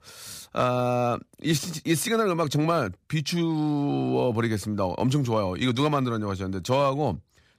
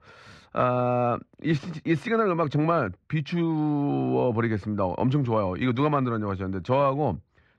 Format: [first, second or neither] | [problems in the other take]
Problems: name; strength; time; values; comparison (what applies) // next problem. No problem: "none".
first | muffled; very; fading above 2 kHz